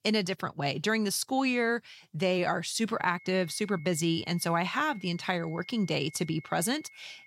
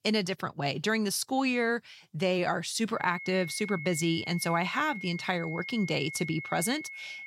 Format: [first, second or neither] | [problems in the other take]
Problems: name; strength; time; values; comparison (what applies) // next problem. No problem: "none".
first | high-pitched whine; loud; from 3 s on; 2 kHz, 9 dB below the speech; faint in the first